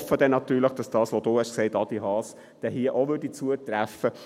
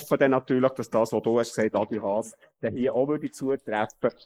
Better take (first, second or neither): first